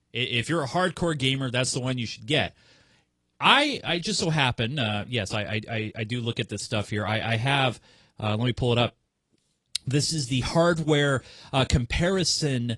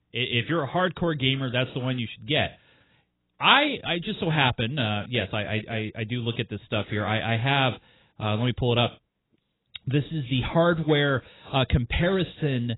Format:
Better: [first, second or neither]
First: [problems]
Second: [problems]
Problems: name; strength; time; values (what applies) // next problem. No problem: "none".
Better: first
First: garbled, watery; slightly; nothing above 10.5 kHz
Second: garbled, watery; badly; nothing above 4 kHz